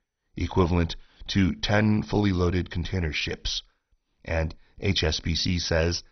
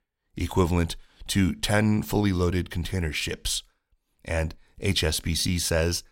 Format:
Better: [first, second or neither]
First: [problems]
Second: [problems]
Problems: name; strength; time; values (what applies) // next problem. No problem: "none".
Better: second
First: garbled, watery; badly; nothing above 6 kHz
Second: none